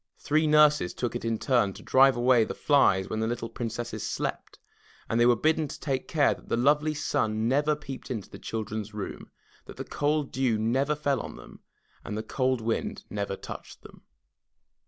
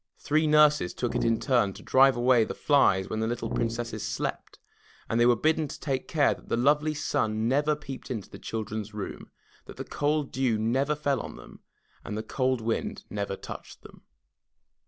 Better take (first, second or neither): first